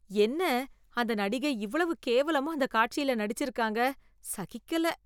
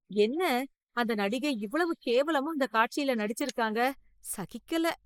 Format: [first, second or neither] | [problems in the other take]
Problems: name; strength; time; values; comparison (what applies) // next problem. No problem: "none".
first | noise reduction (neural mask model Resemble Enhance denoiser)